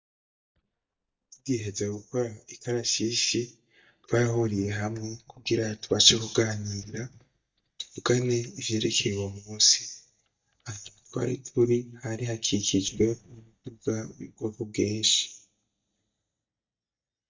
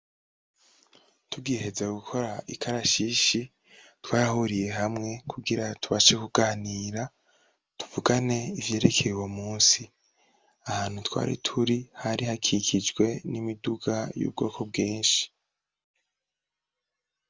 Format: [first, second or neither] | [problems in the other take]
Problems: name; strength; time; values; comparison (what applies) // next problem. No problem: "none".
second | noise reduction (neural mask model DeepFilterNet 3)